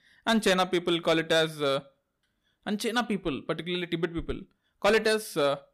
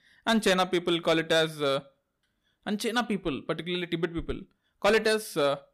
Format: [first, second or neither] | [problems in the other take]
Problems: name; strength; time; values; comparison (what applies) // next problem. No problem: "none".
neither | distortion; slight; 3% of the sound clipped; the same in both